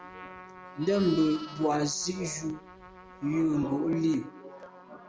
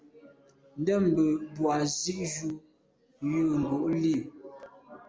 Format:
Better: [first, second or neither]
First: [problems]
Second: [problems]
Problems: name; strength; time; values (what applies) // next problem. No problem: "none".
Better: second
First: background sound (Trumpet + Livestock, farm animals, working animals); 17 dB below the speech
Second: none